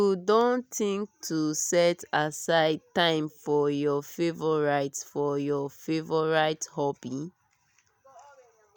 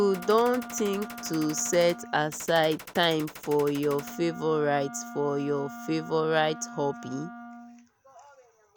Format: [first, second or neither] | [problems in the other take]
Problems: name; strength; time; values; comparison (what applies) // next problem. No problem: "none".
first | background sound (Wind instrument, woodwind instrument + Gunshot, gunfire); 14 dB below the speech